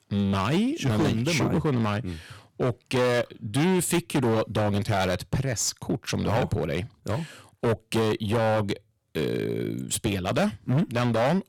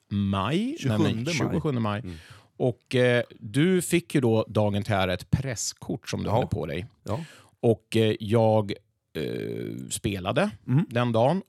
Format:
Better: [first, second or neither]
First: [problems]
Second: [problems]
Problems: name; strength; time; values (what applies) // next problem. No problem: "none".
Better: second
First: distortion; heavy; 15% of the sound clipped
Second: none